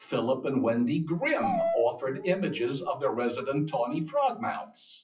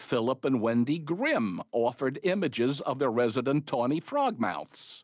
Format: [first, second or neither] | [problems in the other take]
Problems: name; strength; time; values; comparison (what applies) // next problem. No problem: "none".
second | noise reduction (classical method WPE with log-MMSE)